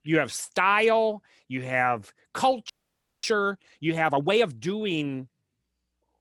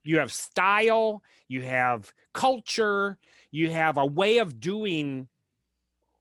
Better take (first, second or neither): second